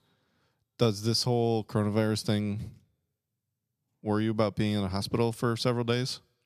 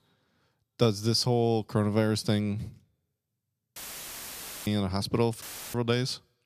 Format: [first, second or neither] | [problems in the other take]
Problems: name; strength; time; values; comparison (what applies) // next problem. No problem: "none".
first | audio cutting out; filled with static; at 4 s for 1 s and at 5.5 s